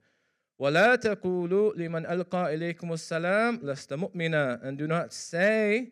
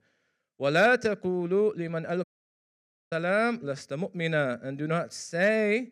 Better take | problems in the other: first | audio cutting out; at 2 s for 1 s

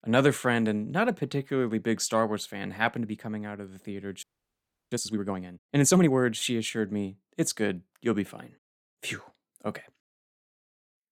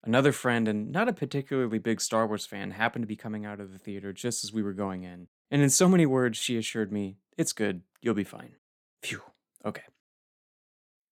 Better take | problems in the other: second | audio freezing; at 4 s for 0.5 s

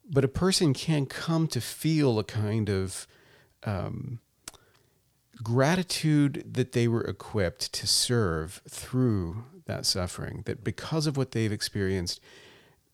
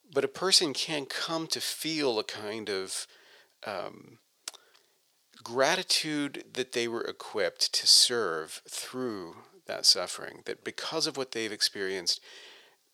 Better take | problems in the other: first | thin; somewhat; fading below 500 Hz

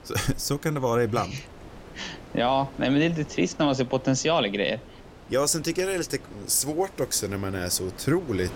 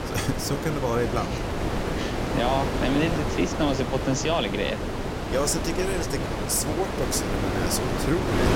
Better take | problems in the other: first | wind noise on the microphone; heavy; 2 dB below the speech; occasional gusts in the first

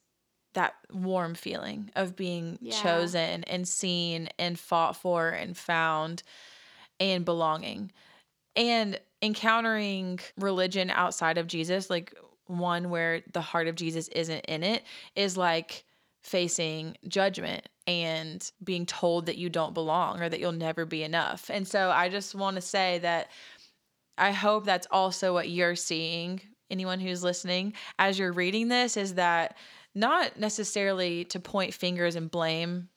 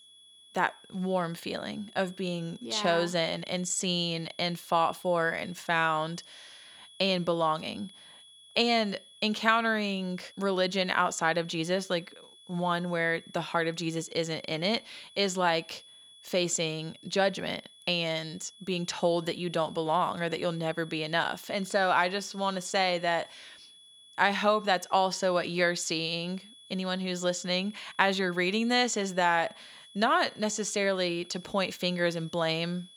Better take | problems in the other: first | high-pitched whine; faint; throughout; 3.5 kHz, 20 dB below the speech

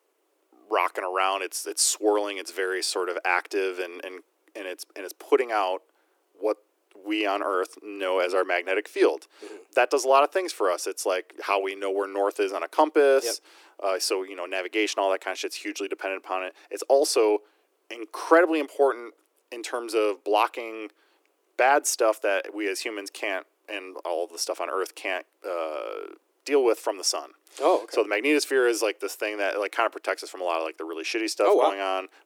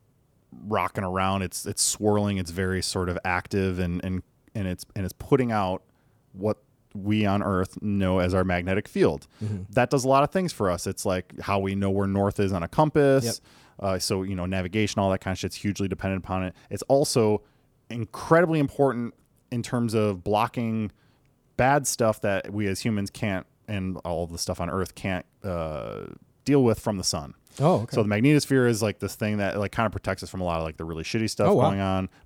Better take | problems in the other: second | thin; very; fading below 300 Hz

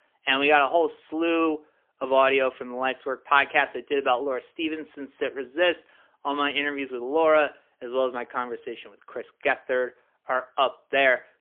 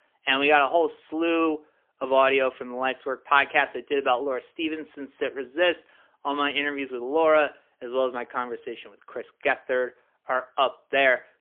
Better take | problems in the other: neither | phone-call audio; poor line; nothing above 3 kHz; the same in both

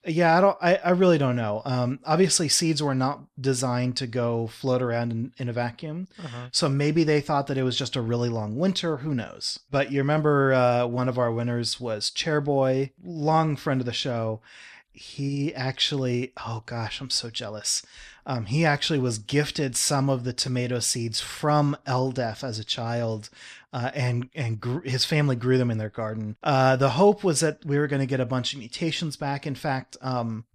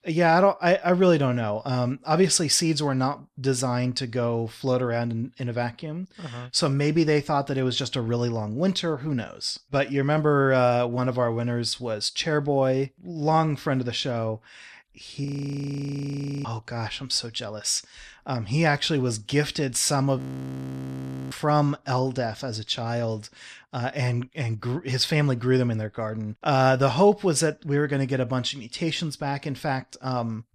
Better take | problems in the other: first | audio freezing; at 15 s for 1 s and at 20 s for 1 s

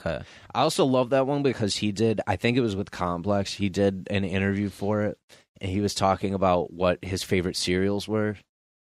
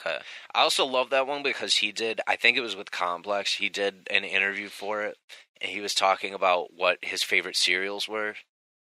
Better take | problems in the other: first | thin; very; fading below 650 Hz

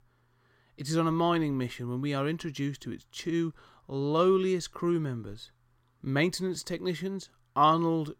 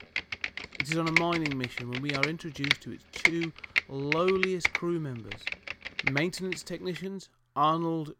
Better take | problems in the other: first | keyboard typing; loud; until 6.5 s; peak 6 dB above the speech

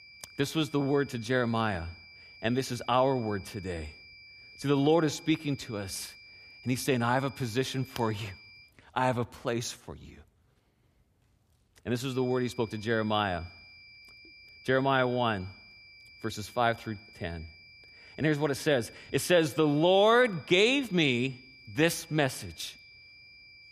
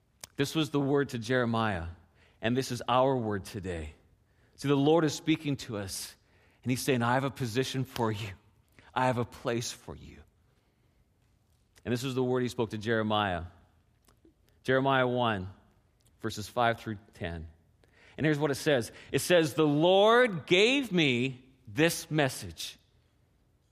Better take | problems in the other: second | high-pitched whine; faint; until 8.5 s and from 12 s on; 2.5 kHz, 20 dB below the speech

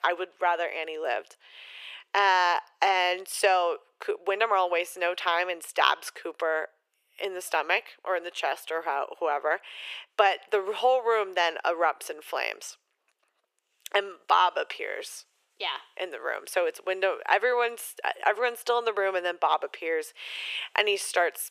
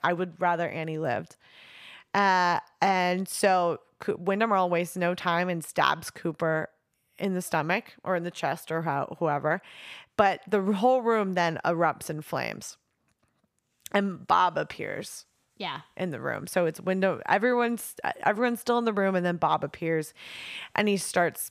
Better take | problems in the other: second | thin; very; fading below 400 Hz

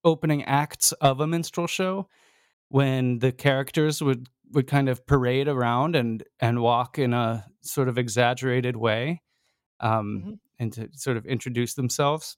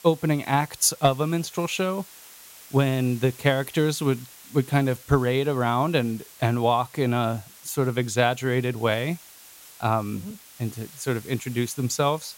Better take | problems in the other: first | hiss; noticeable; throughout; 20 dB below the speech

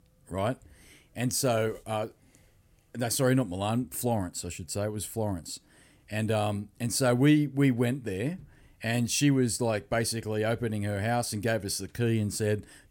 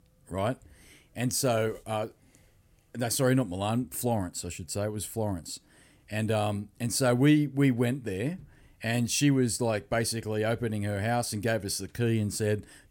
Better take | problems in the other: neither | none

